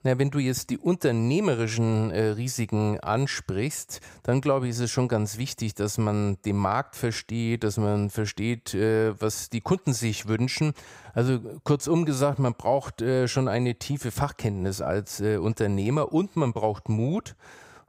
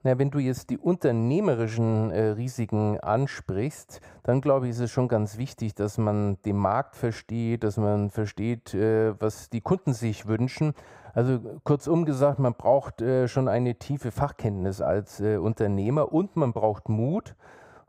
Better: first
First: none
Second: muffled; slightly; fading above 2 kHz

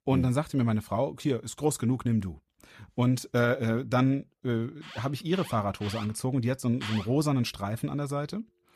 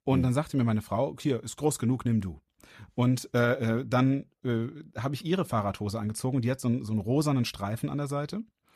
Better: second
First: alarms or sirens; noticeable; from 5 s on; 15 dB below the speech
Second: none

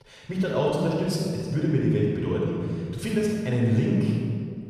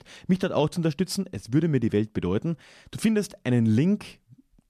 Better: second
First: room echo; strong; dies away in 2.1 s // off-mic speech; far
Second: none

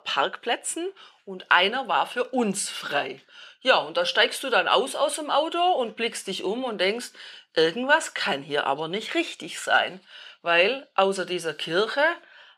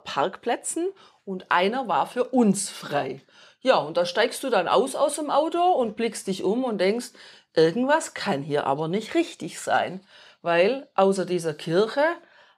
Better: second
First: thin; very slightly; fading below 400 Hz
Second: none

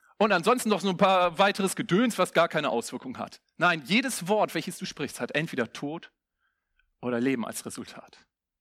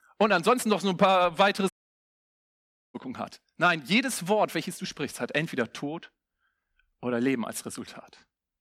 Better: first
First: none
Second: audio cutting out; at 1.5 s for 1 s

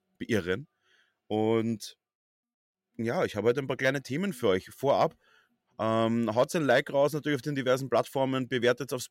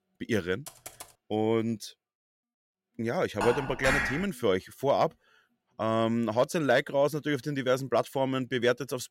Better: first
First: none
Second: keyboard typing; faint; at 0.5 s; peak 15 dB below the speech // clattering dishes; loud; at 3.5 s; peak 1 dB above the speech

